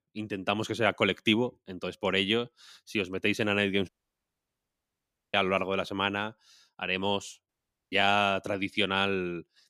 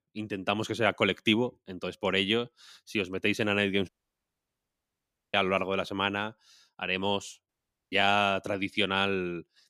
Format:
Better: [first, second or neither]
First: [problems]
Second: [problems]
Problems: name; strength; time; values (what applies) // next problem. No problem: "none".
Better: neither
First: audio cutting out; at 4 s for 1.5 s and at 7.5 s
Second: audio cutting out; at 4 s for 1.5 s and at 7.5 s